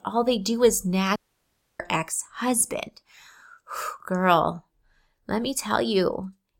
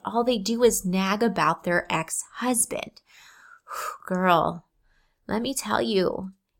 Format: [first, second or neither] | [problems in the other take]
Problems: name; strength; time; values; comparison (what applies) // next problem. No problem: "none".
second | audio cutting out; at 1 s for 0.5 s